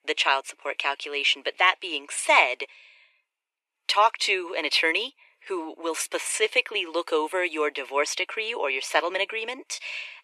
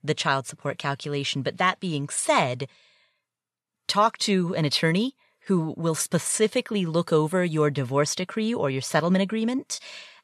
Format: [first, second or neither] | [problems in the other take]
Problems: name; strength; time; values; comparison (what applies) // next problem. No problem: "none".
second | thin; very; fading below 300 Hz